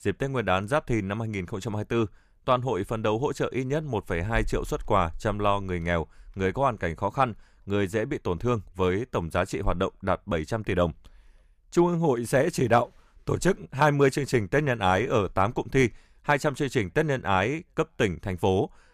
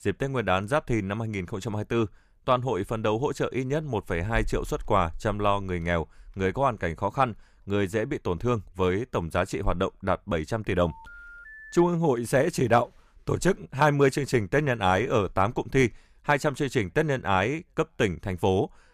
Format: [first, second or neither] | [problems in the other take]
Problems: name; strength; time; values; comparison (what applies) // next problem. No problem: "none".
first | phone ringing; faint; from 11 to 12 s; peak 15 dB below the speech